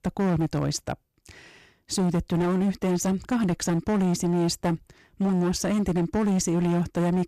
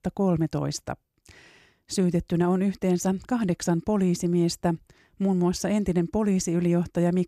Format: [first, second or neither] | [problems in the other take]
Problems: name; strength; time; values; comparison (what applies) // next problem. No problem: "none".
second | distortion; slight; 18% of the sound clipped